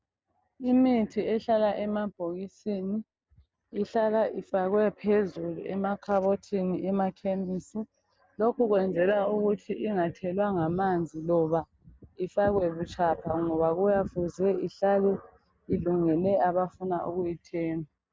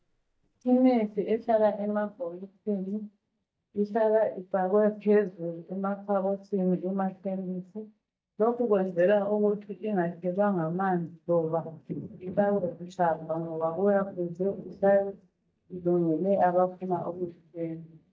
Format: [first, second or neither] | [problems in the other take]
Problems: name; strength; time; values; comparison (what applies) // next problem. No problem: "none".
first | noise reduction (neural mask model DeepFilterNet 3)